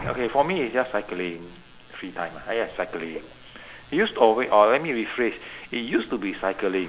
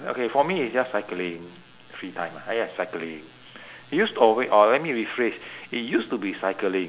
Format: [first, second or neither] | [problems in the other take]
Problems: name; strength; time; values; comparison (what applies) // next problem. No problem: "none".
second | background sound (Waves, surf); 20 dB below the speech